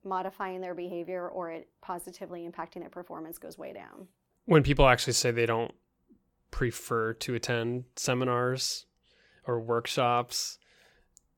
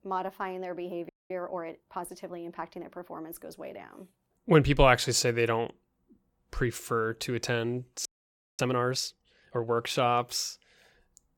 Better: first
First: none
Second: audio freezing; at 1 s and at 8 s for 0.5 s

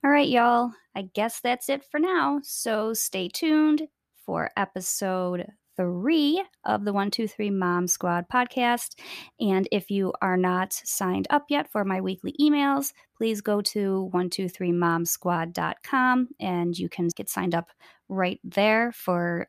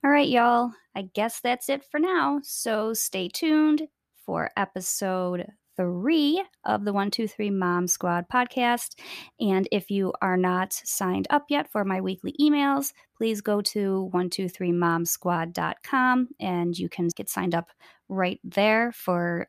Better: neither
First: none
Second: none

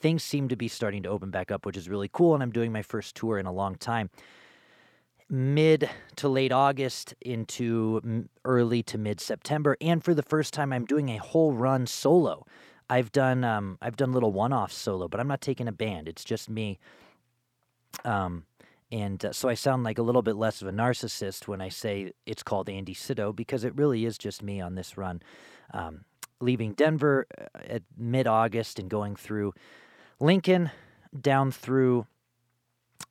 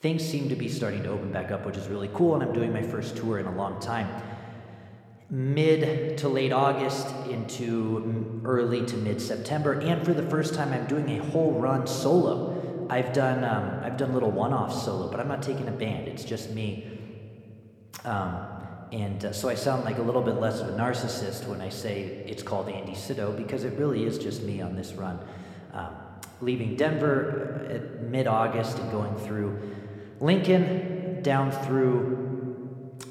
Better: first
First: none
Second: room echo; slight; dies away in 2.4 s

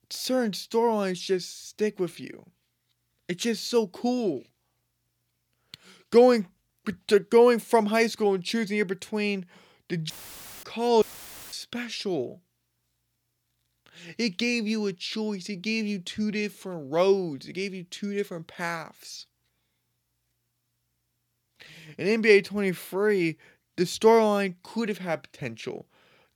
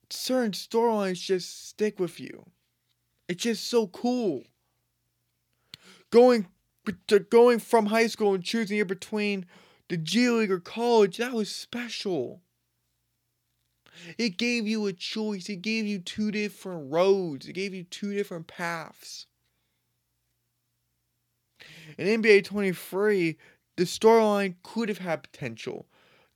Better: second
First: audio cutting out; filled with static; at 10 s for 0.5 s and at 11 s for 0.5 s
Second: none

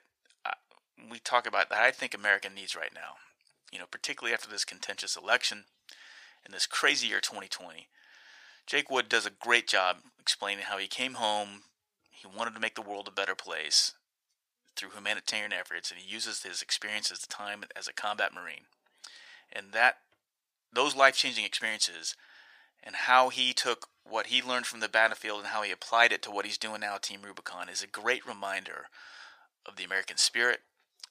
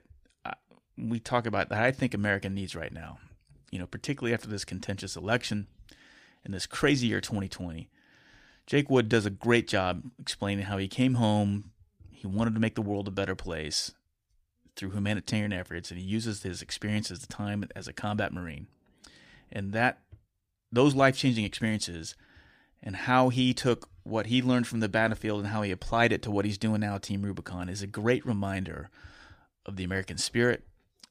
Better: second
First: thin; very; fading below 900 Hz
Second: none

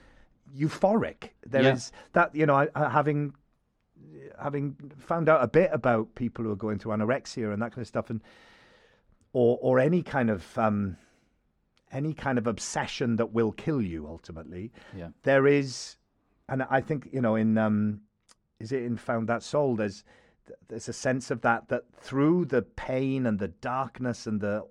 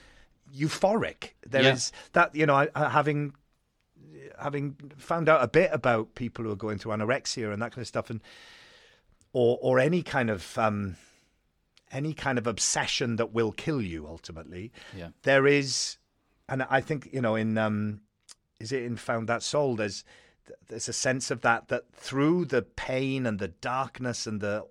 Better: second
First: muffled; slightly; fading above 2 kHz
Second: none

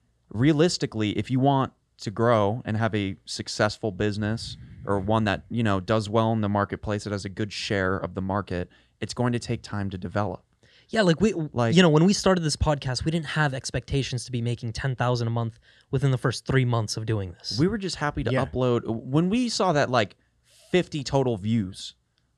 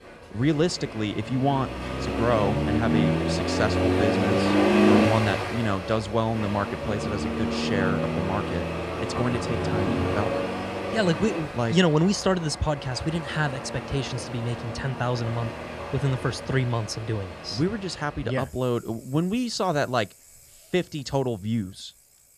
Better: first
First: none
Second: traffic noise; loud; throughout; as loud as the speech

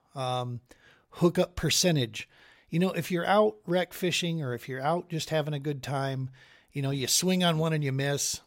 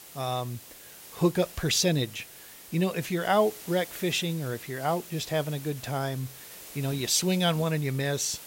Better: first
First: none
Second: hiss; noticeable; throughout; 15 dB below the speech

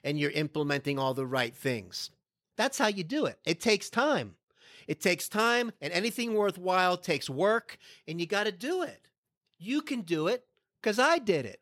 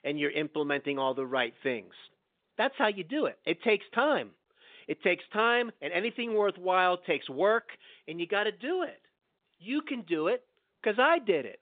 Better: first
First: none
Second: phone-call audio; nothing above 3.5 kHz

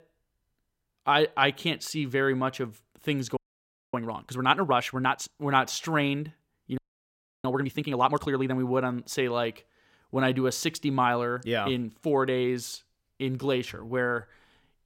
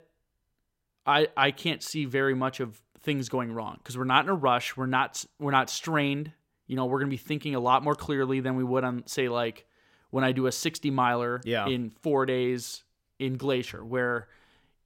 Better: second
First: audio freezing; at 3.5 s for 0.5 s and at 7 s for 0.5 s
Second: none

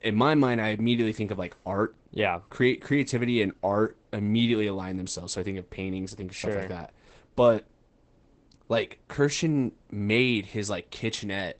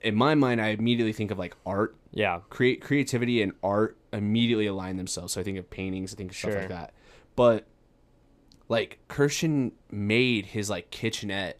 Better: second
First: garbled, watery; badly; nothing above 8 kHz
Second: none

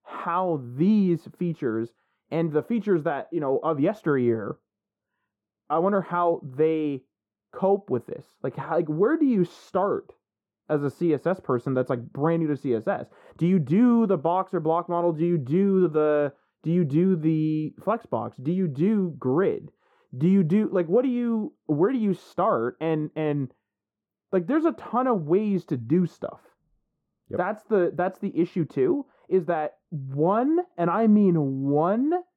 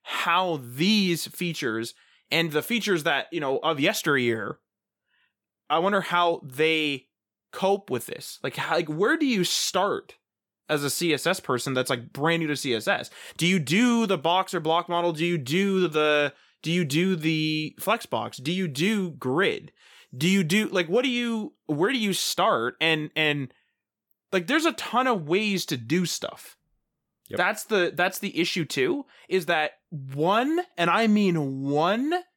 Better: second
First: muffled; very; fading above 1.5 kHz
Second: none

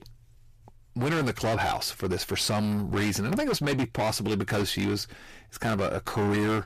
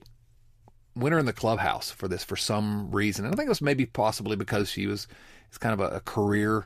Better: second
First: distortion; heavy; 19% of the sound clipped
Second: none

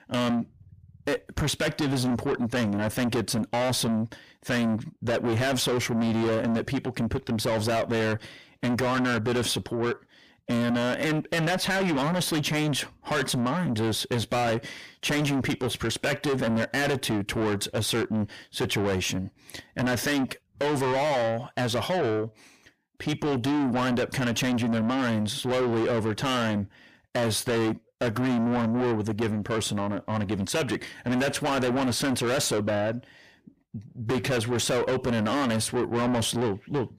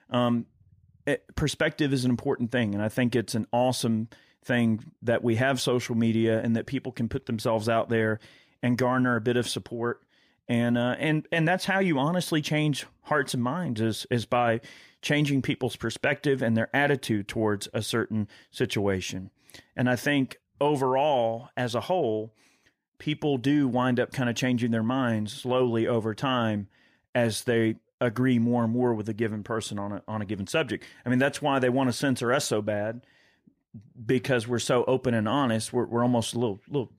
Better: second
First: distortion; heavy; 6 dB below the speech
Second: none

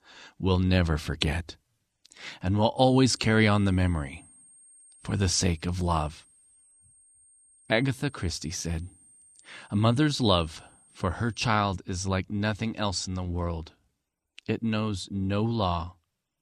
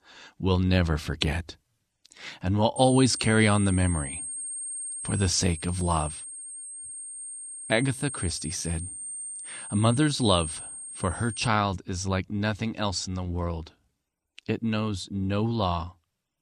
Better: first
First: high-pitched whine; faint; from 3 to 11 s; 8.5 kHz, 30 dB below the speech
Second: high-pitched whine; loud; from 3 to 11 s; 8.5 kHz, 8 dB below the speech

